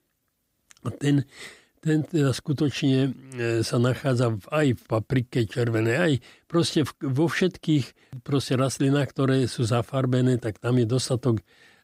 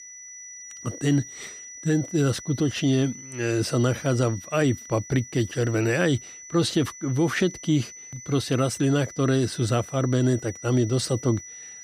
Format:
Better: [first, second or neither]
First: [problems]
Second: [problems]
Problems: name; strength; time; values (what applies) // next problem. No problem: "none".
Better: first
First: none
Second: high-pitched whine; noticeable; throughout; 6 kHz, 15 dB below the speech